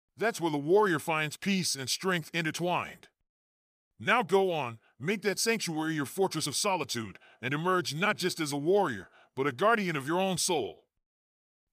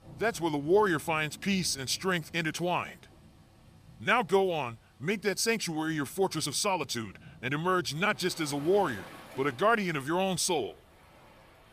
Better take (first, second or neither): first